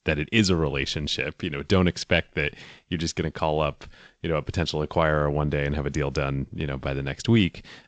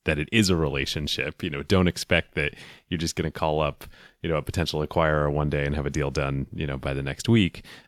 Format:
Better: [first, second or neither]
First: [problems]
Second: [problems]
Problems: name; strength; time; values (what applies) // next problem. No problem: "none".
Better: second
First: garbled, watery; slightly; nothing above 7.5 kHz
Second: none